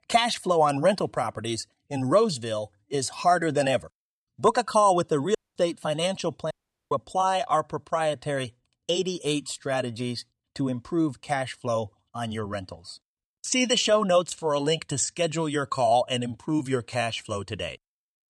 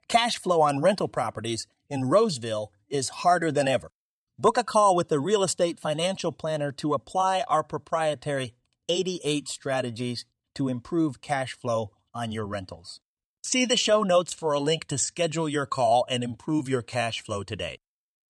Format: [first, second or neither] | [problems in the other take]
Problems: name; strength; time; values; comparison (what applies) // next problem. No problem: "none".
second | audio cutting out; at 5.5 s and at 6.5 s